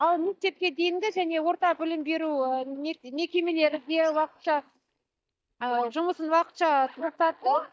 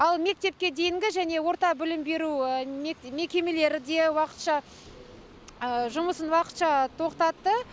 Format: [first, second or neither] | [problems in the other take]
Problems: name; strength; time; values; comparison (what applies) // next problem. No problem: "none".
second | noise reduction (neural mask model DeepFilterNet 3)